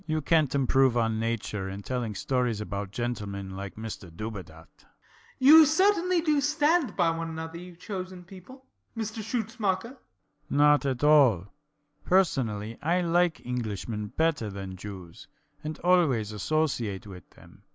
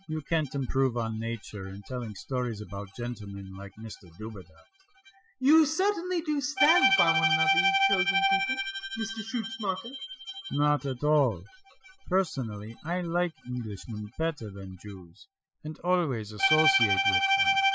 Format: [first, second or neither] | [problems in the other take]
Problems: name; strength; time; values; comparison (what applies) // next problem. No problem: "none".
first | noise reduction (classical method Wiener filter)